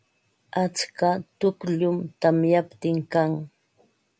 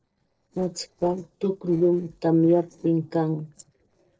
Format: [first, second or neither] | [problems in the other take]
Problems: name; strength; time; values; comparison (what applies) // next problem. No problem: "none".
first | noise reduction (neural separator model SepFormer DNS4)